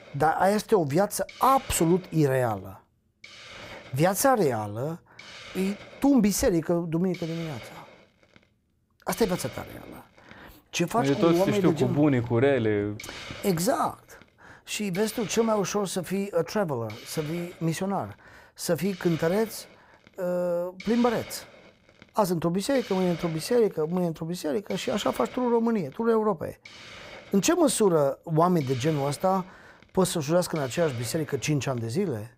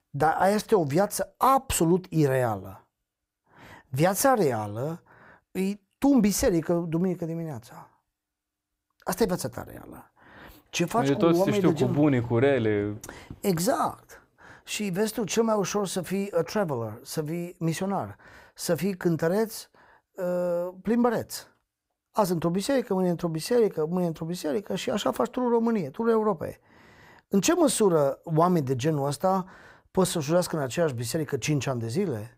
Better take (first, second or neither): second